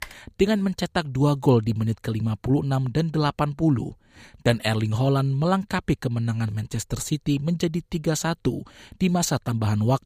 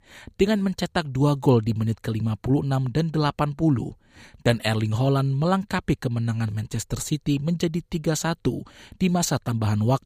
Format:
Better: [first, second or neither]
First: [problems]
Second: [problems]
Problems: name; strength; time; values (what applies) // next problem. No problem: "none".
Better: second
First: keyboard typing; faint; at the start; peak 15 dB below the speech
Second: none